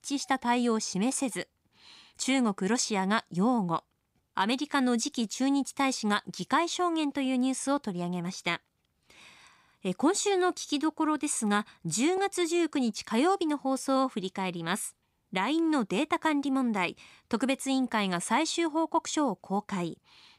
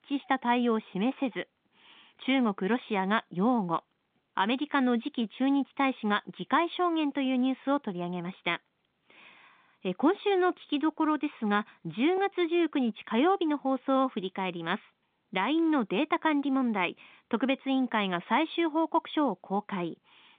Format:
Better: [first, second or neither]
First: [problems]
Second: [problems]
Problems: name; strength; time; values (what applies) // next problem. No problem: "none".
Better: first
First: none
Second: phone-call audio; nothing above 3.5 kHz